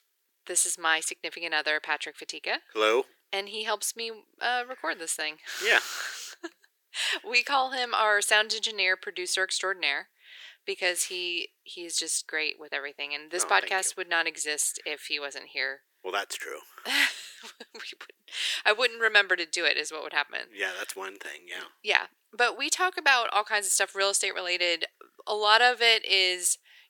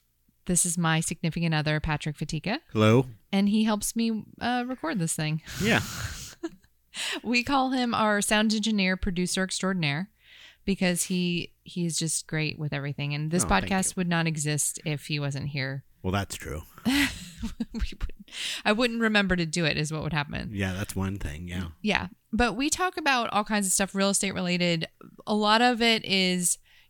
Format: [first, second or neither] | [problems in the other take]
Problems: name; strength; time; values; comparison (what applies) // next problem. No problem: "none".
second | thin; very; fading below 350 Hz